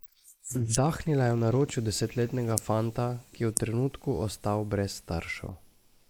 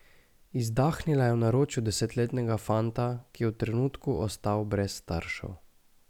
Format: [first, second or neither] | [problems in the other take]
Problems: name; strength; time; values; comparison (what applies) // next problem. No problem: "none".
second | noise reduction (neural mask model Resemble Enhance denoiser)